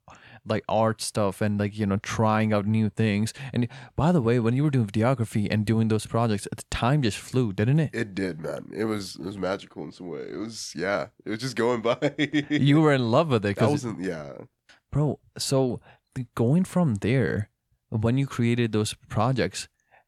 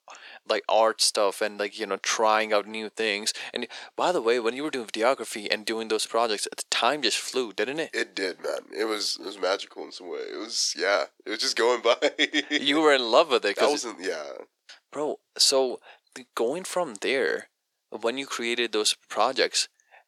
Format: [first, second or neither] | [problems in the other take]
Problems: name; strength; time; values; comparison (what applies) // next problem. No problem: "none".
first | thin; very; fading below 350 Hz